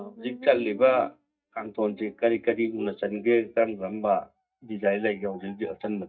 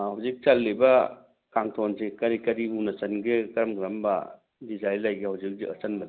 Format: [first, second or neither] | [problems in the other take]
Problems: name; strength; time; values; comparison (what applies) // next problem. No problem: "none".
second | noise reduction (neural mask model DeepFilterNet 3)